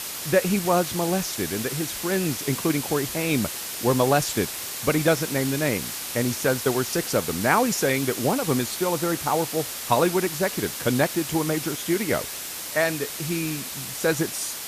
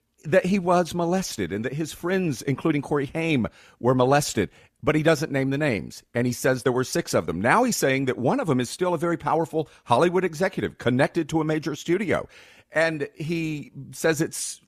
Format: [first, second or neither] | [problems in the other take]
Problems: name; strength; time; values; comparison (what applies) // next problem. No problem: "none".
second | hiss; loud; throughout; 5 dB below the speech